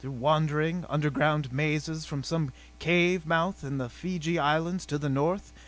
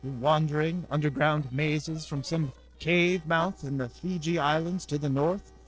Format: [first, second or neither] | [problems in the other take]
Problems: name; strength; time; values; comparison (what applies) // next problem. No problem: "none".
first | noise reduction (neural separator model SepFormer DNS4)